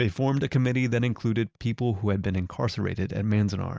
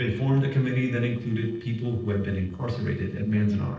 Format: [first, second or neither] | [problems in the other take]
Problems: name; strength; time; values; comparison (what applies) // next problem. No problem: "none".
first | noise reduction (neural separator model SepFormer DNS4)